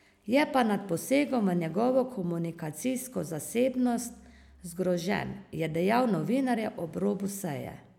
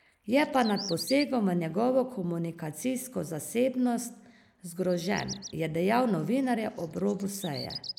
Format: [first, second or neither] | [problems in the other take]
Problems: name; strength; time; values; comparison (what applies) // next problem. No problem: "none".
first | noise reduction (neural mask model Resemble Enhance denoiser)